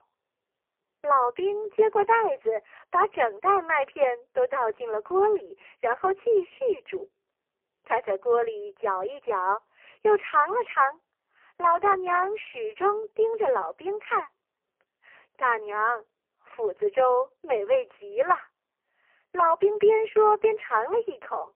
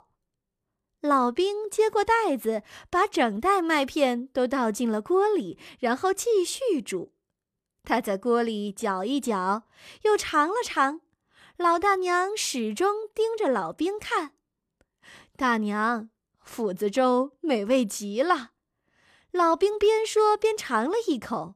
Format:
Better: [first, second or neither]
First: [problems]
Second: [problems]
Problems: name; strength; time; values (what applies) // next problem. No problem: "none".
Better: second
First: phone-call audio; poor line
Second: none